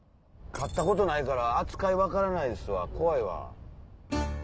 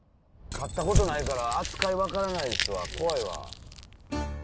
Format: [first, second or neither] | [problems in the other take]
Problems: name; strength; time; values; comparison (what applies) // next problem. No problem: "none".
first | background sound (Crumpling, crinkling / Crushing); 2 dB below the speech